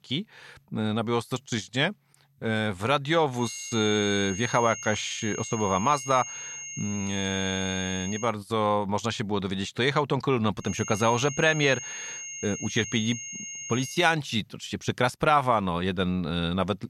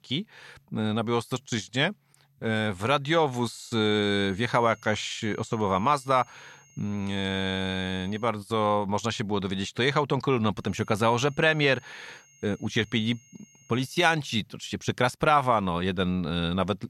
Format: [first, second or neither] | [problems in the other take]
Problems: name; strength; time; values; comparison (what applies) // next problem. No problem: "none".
second | high-pitched whine; loud; from 3.5 to 8.5 s and from 11 to 14 s; 6.5 kHz, 9 dB below the speech; faint in the second